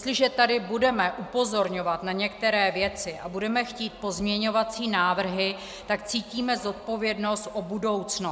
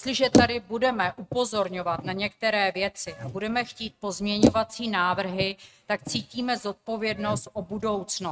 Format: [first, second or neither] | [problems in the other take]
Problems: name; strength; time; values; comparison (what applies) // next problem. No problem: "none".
first | noise reduction (neural mask model RNNoise)